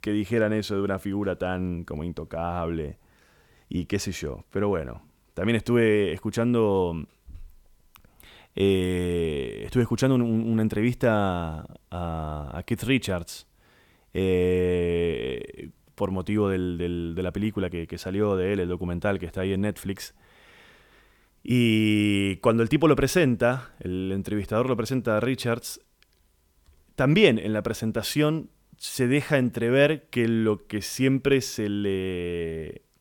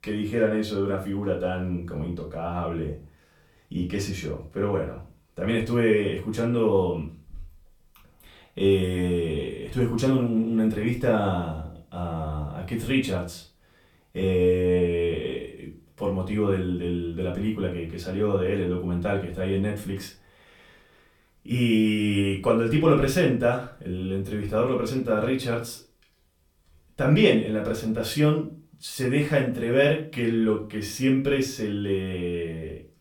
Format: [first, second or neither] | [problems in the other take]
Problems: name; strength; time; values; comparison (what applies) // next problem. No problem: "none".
first | off-mic speech; far // room echo; slight; dies away in 0.3 s